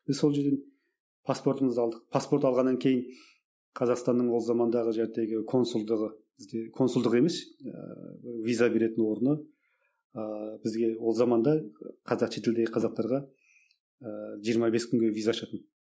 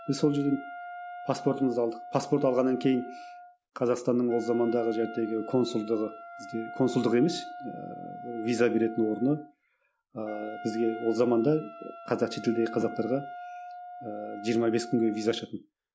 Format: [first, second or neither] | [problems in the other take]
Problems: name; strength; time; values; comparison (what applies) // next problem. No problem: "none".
first | background sound (Wind instrument, woodwind instrument); 14 dB below the speech